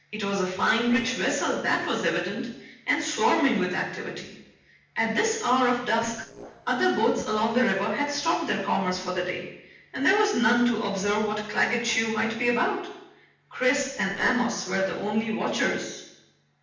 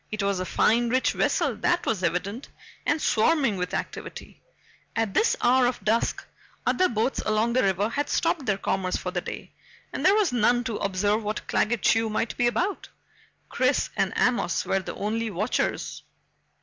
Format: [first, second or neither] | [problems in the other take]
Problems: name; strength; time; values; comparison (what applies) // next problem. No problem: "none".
second | noise reduction (neural separator model SepFormer DNS4)